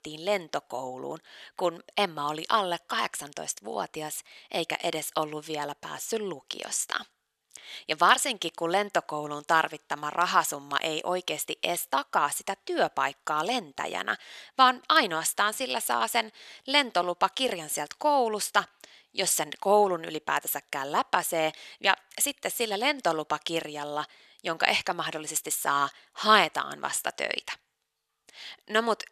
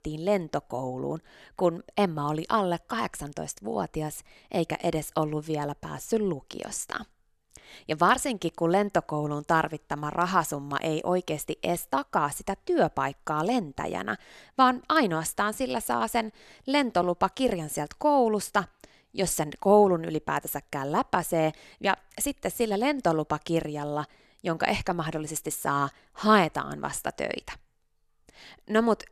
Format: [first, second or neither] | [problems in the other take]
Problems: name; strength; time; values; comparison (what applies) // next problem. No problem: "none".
second | thin; somewhat; fading below 1 kHz